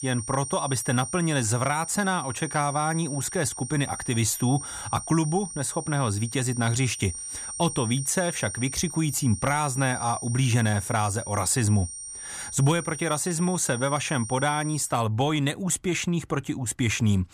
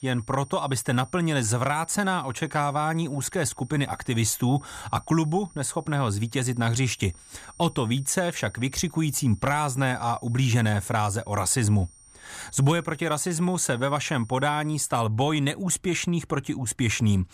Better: second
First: high-pitched whine; loud; until 15 s; 9 kHz, 8 dB below the speech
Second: high-pitched whine; faint; until 15 s; 9 kHz, 25 dB below the speech

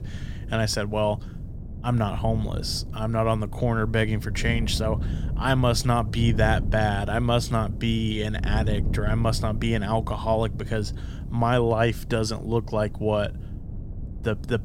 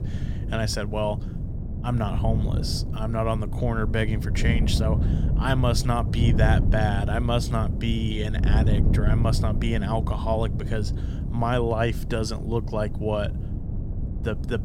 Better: first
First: wind noise on the microphone; occasional gusts; 15 dB below the speech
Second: wind noise on the microphone; heavy; 9 dB below the speech

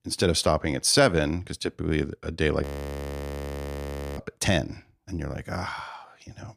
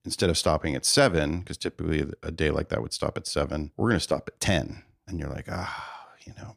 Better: second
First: audio freezing; at 2.5 s for 1.5 s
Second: none

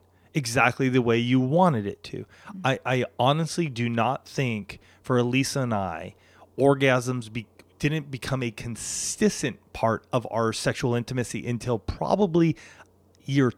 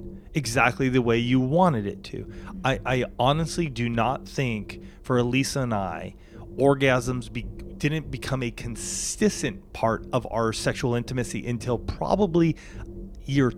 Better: first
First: none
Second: low rumble; faint; throughout; 25 dB below the speech

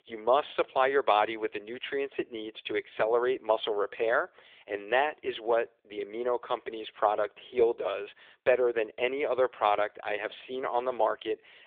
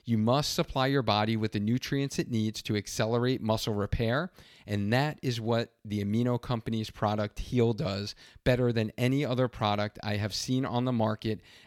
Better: second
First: phone-call audio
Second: none

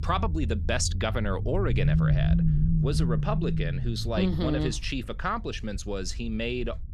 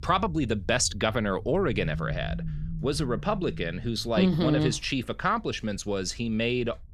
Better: second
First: low rumble; loud; throughout; 7 dB below the speech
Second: low rumble; faint; throughout; 20 dB below the speech

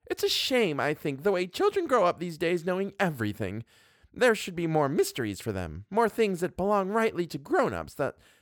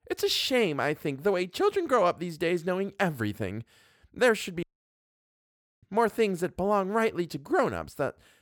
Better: first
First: none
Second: audio cutting out; at 4.5 s for 1 s

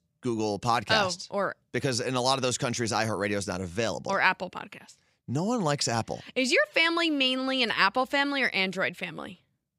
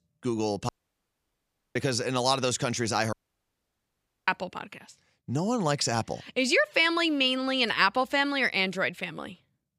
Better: first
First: none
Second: audio cutting out; at 0.5 s for 1 s and at 3 s for 1 s

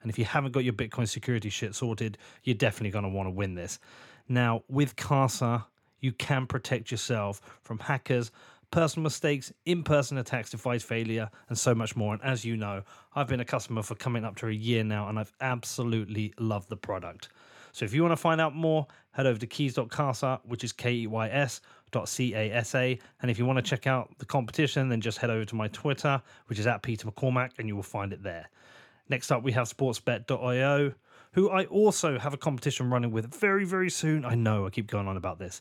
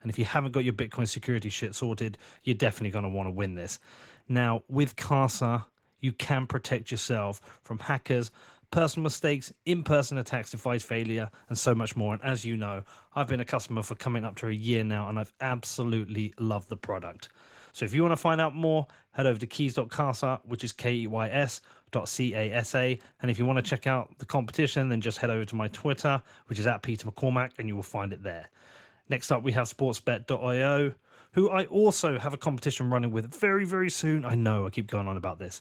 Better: first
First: none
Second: garbled, watery; slightly; nothing above 19 kHz

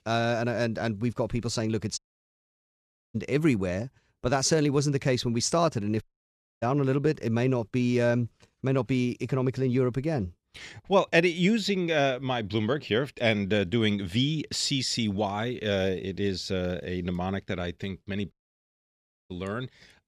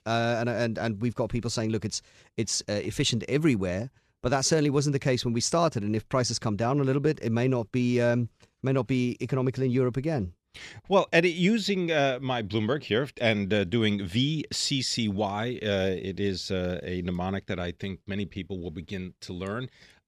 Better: second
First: audio cutting out; at 2 s for 1 s, at 6 s for 0.5 s and at 18 s for 1 s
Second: none

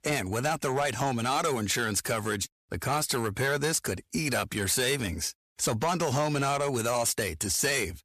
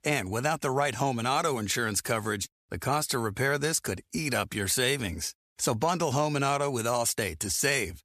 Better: second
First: distortion; slight; 6% of the sound clipped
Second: none

